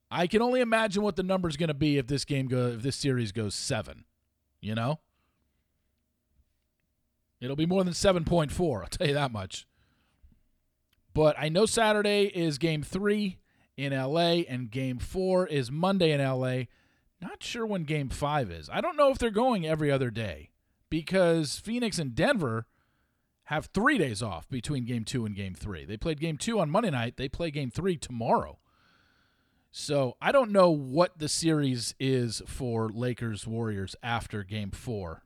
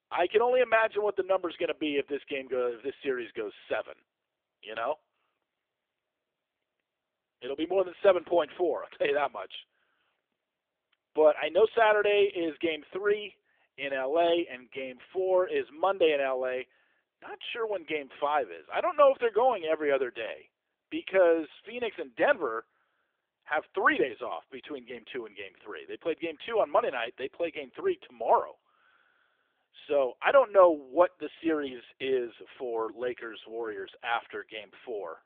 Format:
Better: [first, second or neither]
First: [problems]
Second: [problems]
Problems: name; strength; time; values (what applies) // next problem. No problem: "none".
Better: first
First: none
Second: phone-call audio; nothing above 3.5 kHz